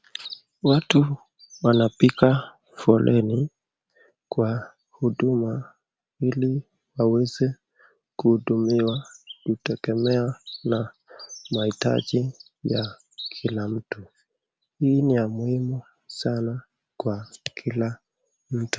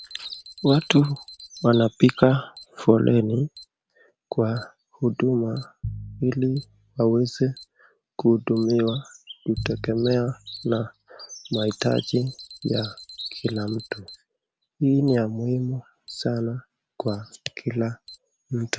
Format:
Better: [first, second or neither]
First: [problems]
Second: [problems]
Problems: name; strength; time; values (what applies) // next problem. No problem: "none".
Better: first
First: none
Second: background sound (Alarm + Piano); 20 dB below the speech